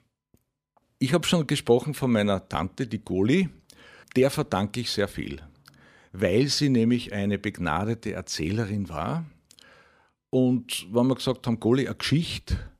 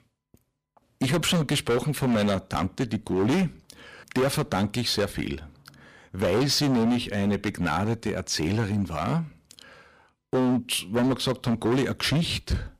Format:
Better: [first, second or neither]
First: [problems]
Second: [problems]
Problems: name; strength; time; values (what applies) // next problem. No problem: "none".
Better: first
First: none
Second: distortion; heavy; 14% of the sound clipped